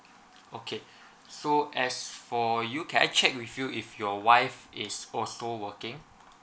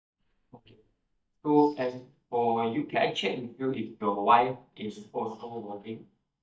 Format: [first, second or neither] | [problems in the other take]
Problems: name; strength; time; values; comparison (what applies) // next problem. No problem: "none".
first | noise reduction (neural mask model DeepFilterNet 3)